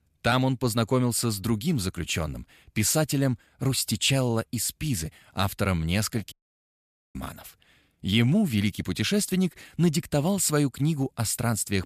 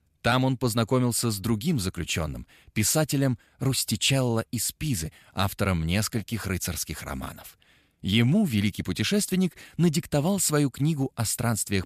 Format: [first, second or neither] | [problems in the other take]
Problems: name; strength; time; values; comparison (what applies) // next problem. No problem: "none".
second | audio cutting out; at 6.5 s for 1 s